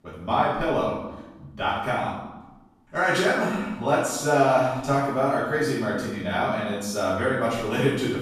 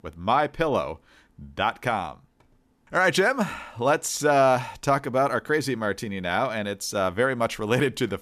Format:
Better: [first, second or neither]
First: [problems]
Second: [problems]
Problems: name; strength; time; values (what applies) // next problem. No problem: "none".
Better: second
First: off-mic speech; far // room echo; strong; dies away in 0.9 s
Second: none